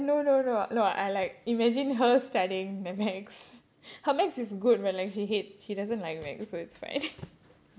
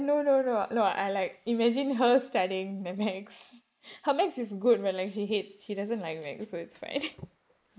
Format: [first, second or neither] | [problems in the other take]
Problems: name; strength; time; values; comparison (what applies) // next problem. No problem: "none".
first | noise reduction (neural mask model Resemble Enhance denoiser)